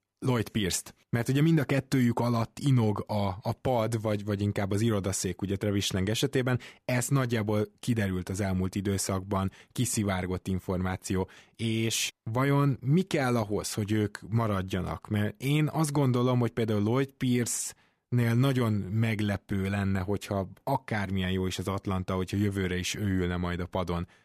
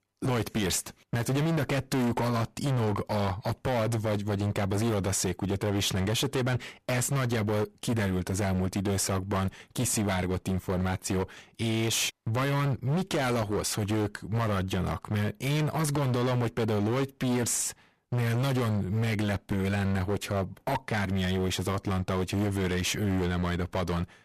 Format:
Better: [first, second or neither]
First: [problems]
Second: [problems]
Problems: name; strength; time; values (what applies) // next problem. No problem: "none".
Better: first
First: none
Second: distortion; heavy; 27% of the sound clipped